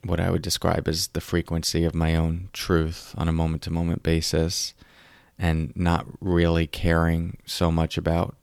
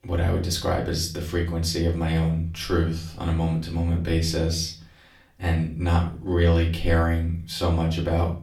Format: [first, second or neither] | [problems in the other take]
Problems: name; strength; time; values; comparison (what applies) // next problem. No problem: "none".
first | off-mic speech; far // room echo; slight; dies away in 0.4 s